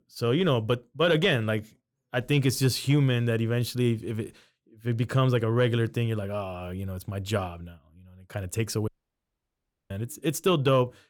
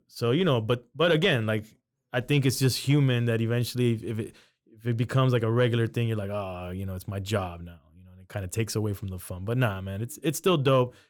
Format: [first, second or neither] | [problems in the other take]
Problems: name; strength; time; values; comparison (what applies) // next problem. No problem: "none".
second | audio cutting out; at 9 s for 1 s